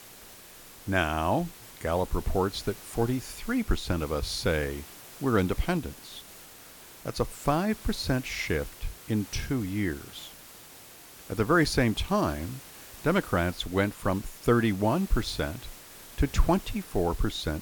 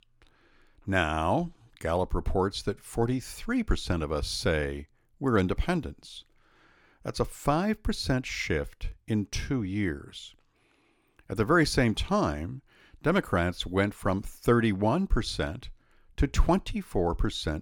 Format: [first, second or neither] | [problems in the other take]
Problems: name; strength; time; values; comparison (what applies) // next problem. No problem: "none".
second | hiss; noticeable; throughout; 15 dB below the speech